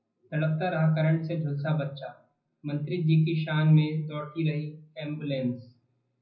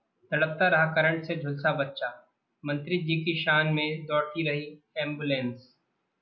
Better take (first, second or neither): second